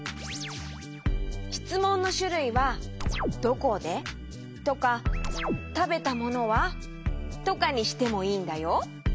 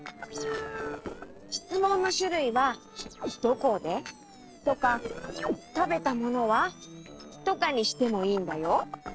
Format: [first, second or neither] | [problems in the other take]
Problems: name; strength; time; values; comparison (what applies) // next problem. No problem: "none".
first | noise reduction (neural separator model SepFormer DNS4)